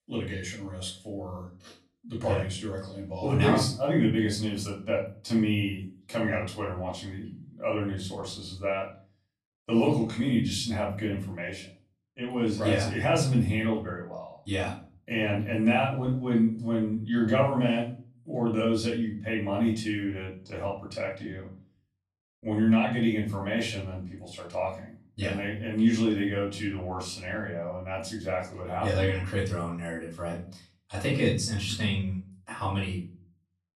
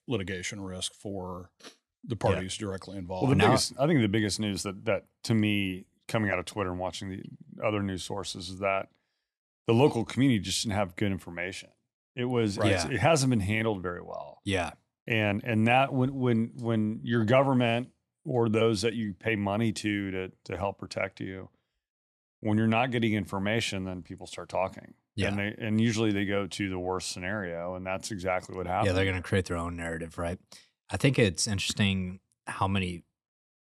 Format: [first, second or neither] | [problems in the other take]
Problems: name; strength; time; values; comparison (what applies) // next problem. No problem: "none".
second | off-mic speech; far // room echo; slight; dies away in 0.4 s